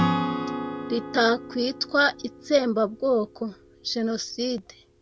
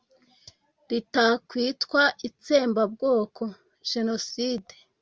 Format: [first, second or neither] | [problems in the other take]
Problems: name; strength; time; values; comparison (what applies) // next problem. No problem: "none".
second | background sound (Acoustic guitar / Strum); 6 dB below the speech